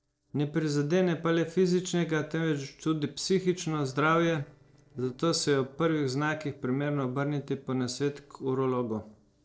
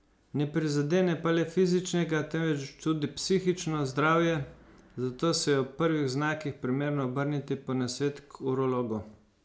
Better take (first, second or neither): second